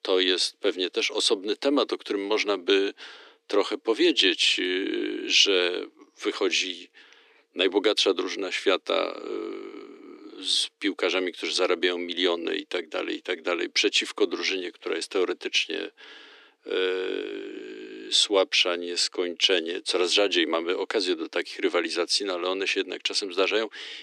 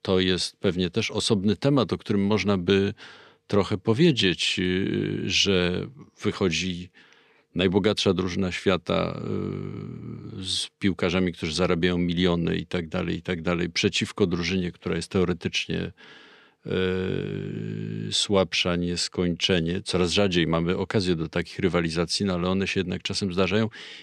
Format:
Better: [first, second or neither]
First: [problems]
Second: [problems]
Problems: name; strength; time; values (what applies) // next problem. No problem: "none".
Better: second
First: thin; somewhat; fading below 300 Hz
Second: none